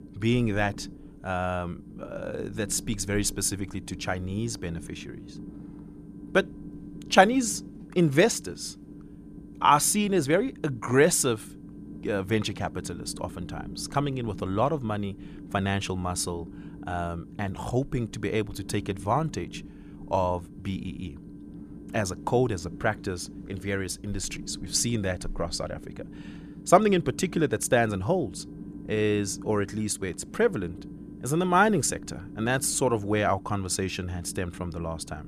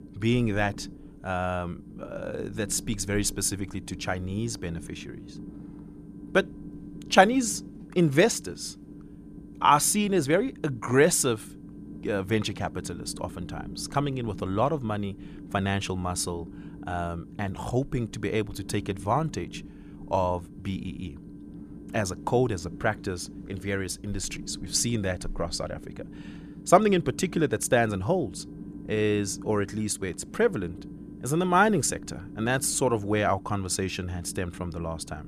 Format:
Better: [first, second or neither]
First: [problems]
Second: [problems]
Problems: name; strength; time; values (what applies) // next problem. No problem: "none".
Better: neither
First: low rumble; faint; throughout; 20 dB below the speech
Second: low rumble; faint; throughout; 20 dB below the speech